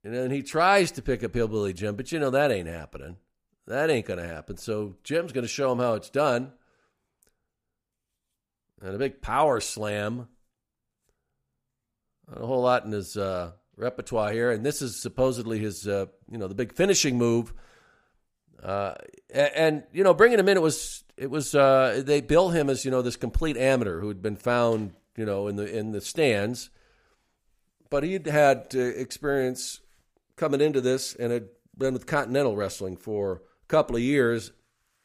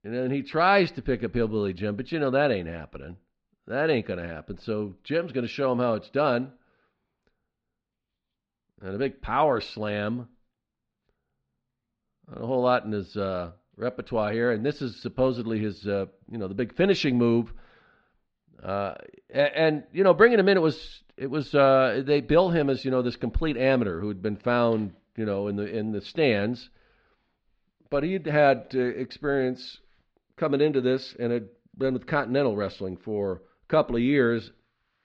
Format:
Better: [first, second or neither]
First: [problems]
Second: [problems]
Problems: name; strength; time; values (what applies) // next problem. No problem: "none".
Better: first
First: none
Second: muffled; very slightly; fading above 4 kHz